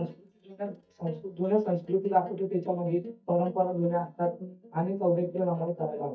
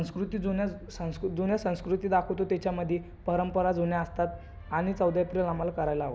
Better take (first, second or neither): second